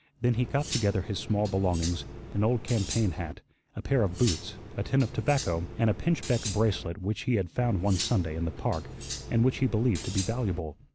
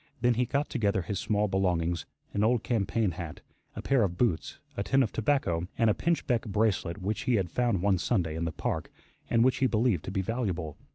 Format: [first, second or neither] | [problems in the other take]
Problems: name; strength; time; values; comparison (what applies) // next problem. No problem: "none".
second | background sound (Cutlery, silverware); 10 dB below the speech